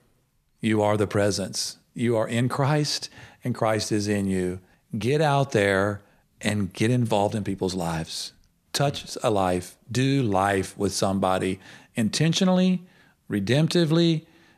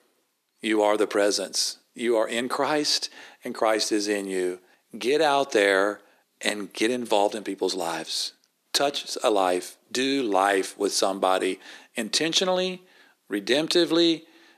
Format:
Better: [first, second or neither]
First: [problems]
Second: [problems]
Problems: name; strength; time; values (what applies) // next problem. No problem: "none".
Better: first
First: none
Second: thin; somewhat; fading below 300 Hz